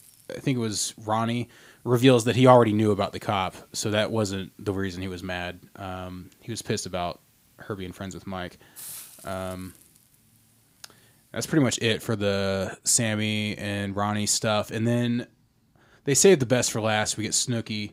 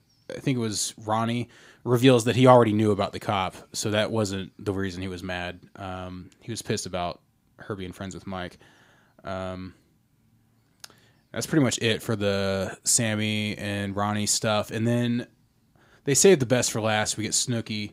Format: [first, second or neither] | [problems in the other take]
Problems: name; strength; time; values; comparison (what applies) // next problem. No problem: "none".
second | hiss; faint; until 12 s; 25 dB below the speech